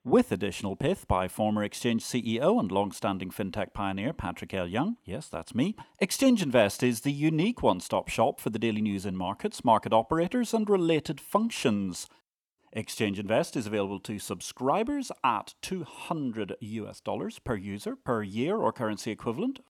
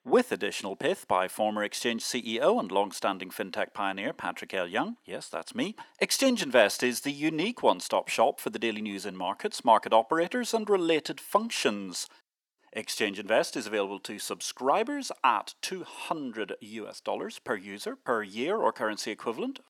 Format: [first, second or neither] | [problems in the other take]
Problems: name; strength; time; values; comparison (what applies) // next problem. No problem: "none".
first | thin; very slightly; fading below 350 Hz